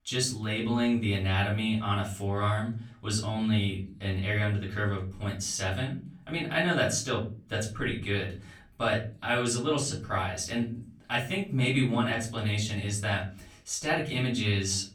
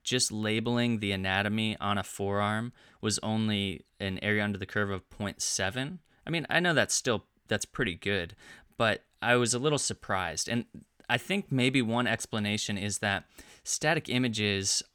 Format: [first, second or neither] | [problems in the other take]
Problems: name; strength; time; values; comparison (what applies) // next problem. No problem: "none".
second | room echo; slight; dies away in 0.5 s // off-mic speech; far